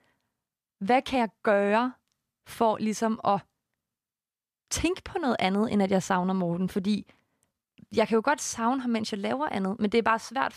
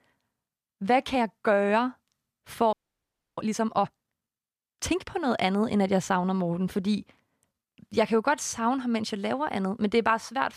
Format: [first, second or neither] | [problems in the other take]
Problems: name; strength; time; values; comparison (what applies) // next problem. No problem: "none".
first | audio freezing; at 2.5 s for 0.5 s